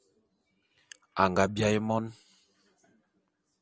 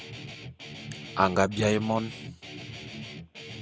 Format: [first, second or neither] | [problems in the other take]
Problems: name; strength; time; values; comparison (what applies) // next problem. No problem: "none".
first | background sound (Guitar); 11 dB below the speech